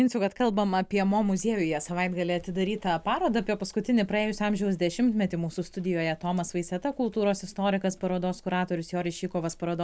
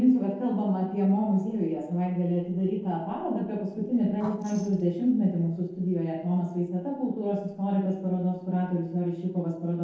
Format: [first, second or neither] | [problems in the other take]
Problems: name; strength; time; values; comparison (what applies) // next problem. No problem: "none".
first | noise reduction (neural separator model SepFormer DNS4)